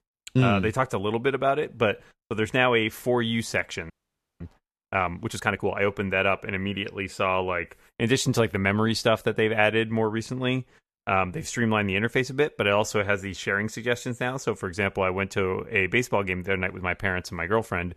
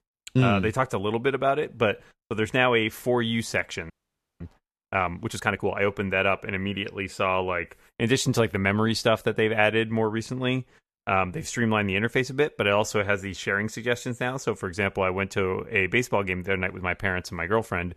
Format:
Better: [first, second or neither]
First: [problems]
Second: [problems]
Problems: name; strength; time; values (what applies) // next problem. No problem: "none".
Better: neither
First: audio freezing; at 4 s for 0.5 s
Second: audio freezing; at 4 s for 0.5 s